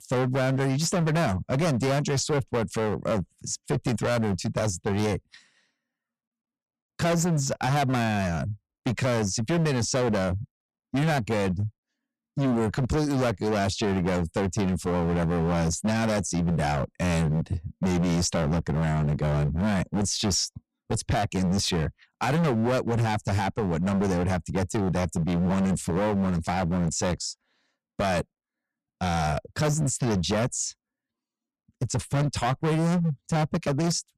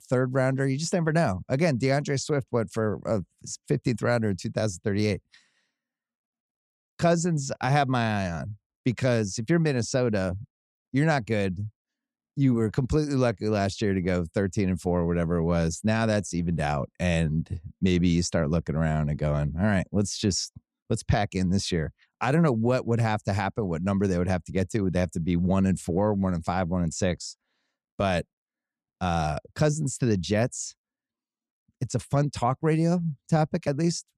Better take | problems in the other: second | distortion; heavy; 21% of the sound clipped

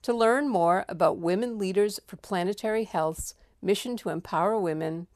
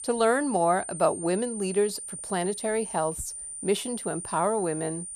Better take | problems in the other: first | high-pitched whine; loud; throughout; 9 kHz, 8 dB below the speech

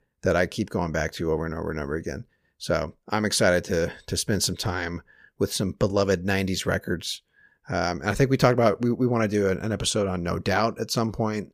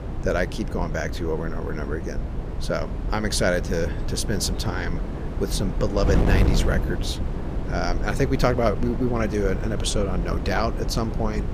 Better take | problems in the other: first | wind noise on the microphone; heavy; 9 dB below the speech

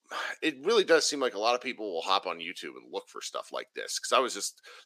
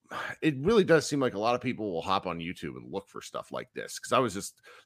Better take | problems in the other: second | thin; somewhat; fading below 350 Hz

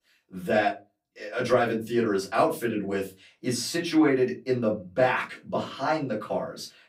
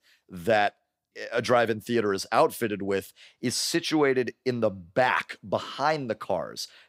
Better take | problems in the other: second | off-mic speech; far // room echo; very slight; dies away in 0.2 s

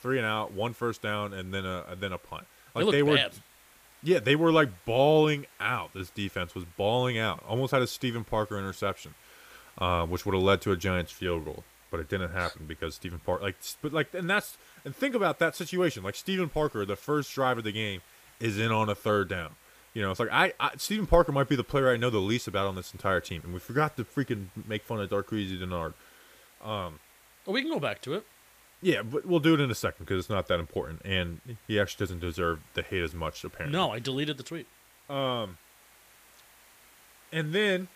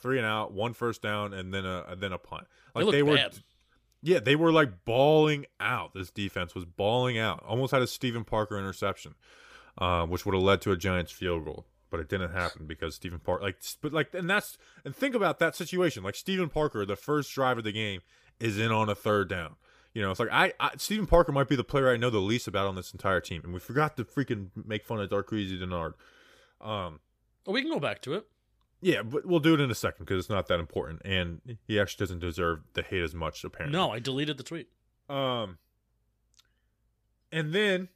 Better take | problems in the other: second | hiss; faint; throughout; 25 dB below the speech

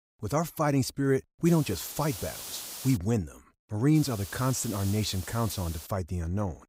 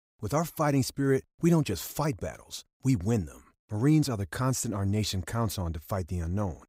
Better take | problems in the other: second | hiss; noticeable; from 1.5 to 3 s and from 4 to 6 s; 10 dB below the speech

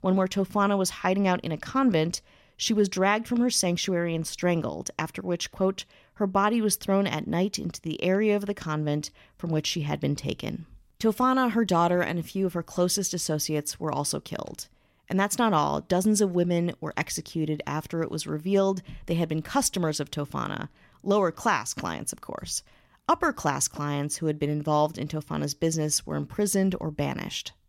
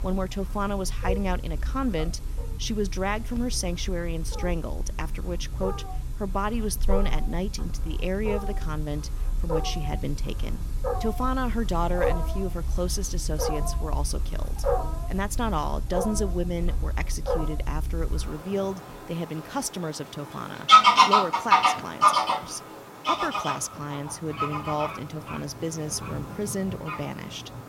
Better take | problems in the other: first | animal sounds; very loud; throughout; 4 dB above the speech

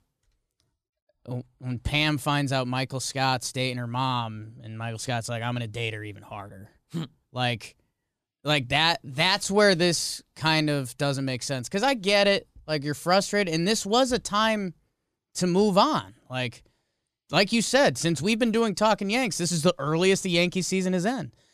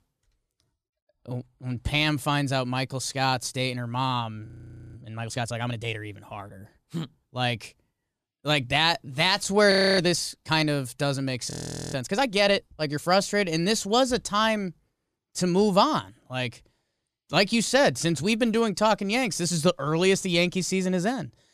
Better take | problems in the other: first | audio freezing; at 4.5 s, at 9.5 s and at 12 s

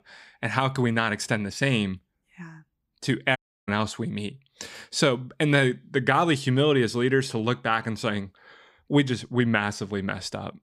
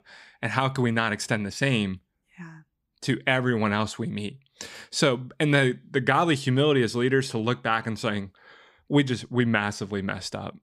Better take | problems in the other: second | audio cutting out; at 3.5 s

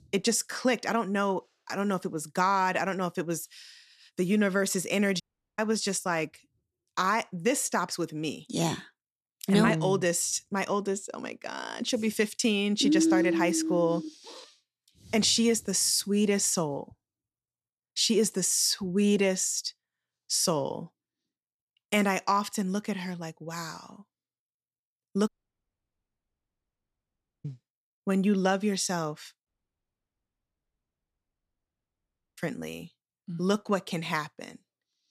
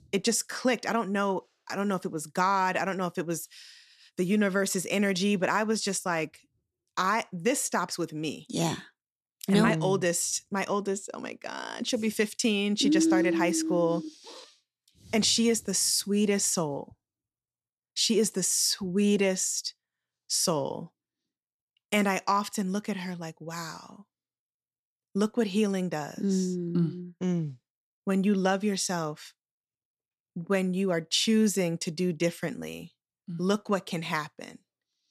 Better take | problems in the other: second | audio cutting out; at 5 s, at 25 s for 2 s and at 29 s for 3 s

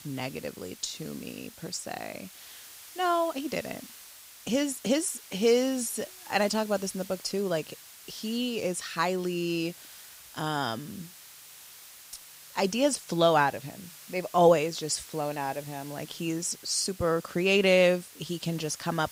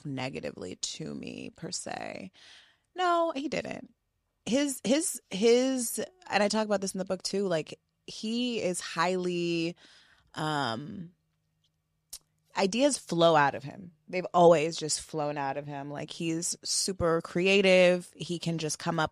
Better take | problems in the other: second | hiss; noticeable; throughout; 20 dB below the speech

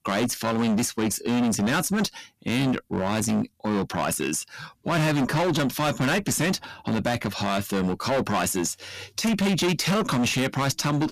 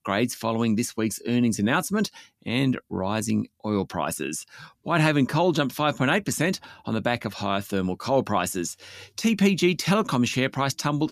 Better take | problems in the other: second | distortion; heavy; 23% of the sound clipped

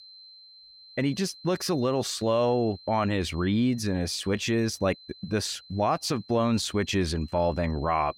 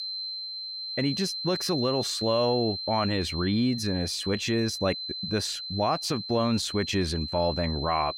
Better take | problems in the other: first | high-pitched whine; loud; throughout; 4 kHz, 5 dB below the speech; faint in the first

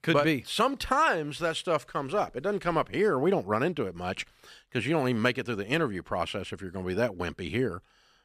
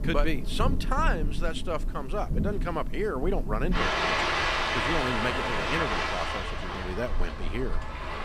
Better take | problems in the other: first | rain or running water; very loud; throughout; 3 dB above the speech

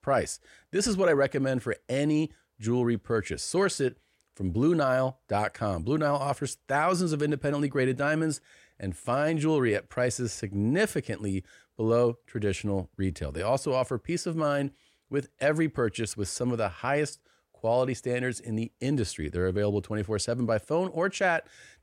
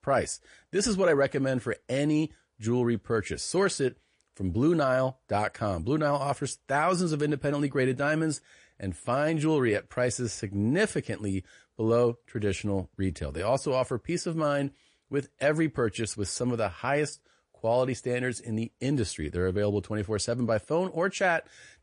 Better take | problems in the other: first | garbled, watery; slightly; nothing above 10.5 kHz

